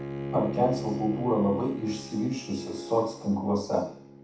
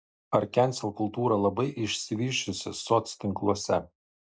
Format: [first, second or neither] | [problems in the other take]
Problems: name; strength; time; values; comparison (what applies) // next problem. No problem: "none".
second | background sound (Bowed string instrument); 8 dB below the speech // room echo; dies away in 0.7 s